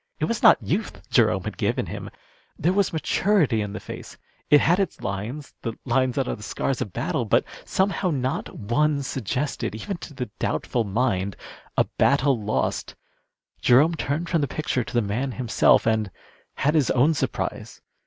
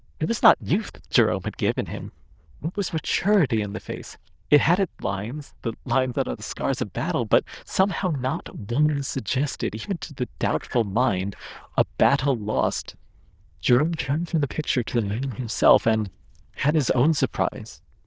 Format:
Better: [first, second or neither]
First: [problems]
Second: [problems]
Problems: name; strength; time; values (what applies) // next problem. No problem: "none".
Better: first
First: none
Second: noise reduction (neural diffusion model UNIVERSE++)